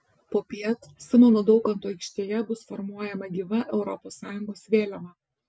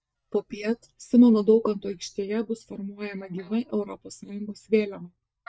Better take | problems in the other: first | noise reduction (neural mask model DeepFilterNet 3)

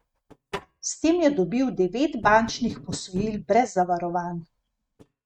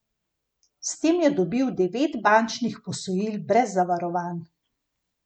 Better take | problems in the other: second | noise reduction (neural mask model RNNoise)

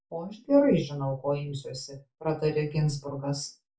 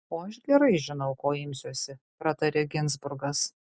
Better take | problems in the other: second | room echo; dies away in 0.2 s

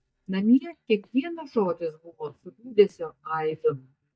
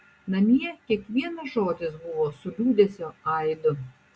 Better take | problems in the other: second | noise reduction (neural mask model DeepFilterNet 3)

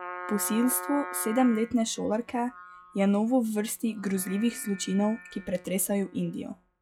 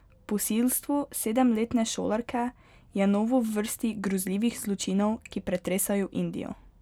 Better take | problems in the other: second | noise reduction (classical method log-MMSE)

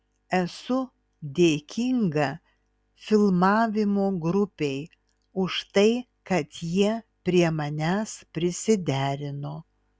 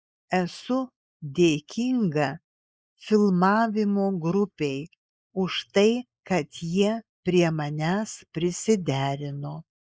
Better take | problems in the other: first | noise reduction (neural mask model Resemble Enhance denoiser)

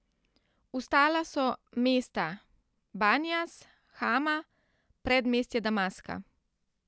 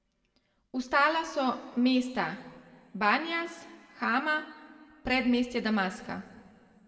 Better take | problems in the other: first | room echo; dies away in 1.4 s

